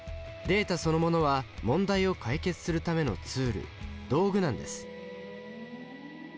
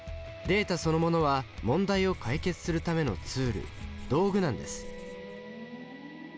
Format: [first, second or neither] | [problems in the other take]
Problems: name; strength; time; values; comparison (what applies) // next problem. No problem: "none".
first | background sound (Writing); 15 dB below the speech